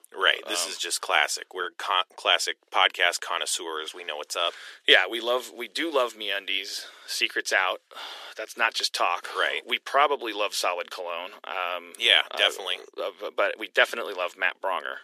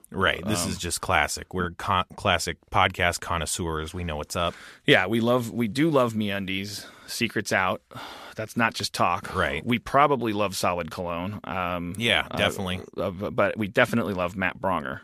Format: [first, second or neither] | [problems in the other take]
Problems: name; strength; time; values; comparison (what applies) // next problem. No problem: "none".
second | thin; very; fading below 350 Hz